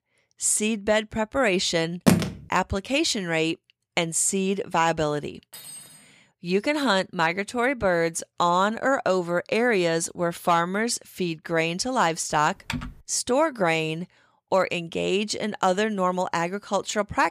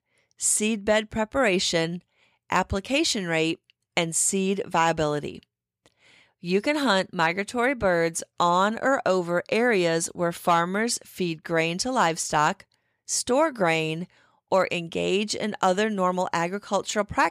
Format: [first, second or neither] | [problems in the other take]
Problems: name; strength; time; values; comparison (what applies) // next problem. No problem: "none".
second | phone ringing; loud; at 2 s; peak 3 dB above the speech // clattering dishes; faint; at 5.5 s; peak 15 dB below the speech // keyboard typing; noticeable; at 13 s; peak 9 dB below the speech